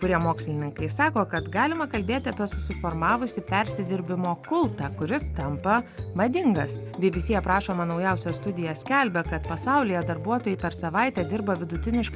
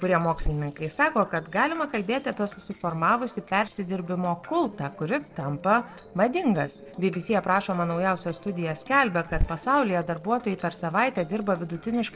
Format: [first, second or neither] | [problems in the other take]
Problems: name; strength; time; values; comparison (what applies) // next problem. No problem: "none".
first | noise reduction (neural separator model SepFormer DNS4)